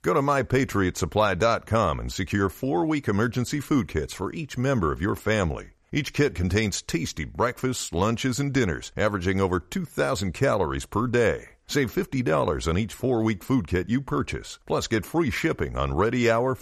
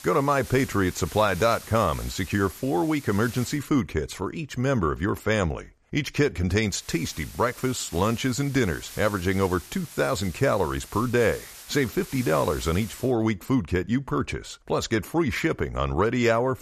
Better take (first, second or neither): first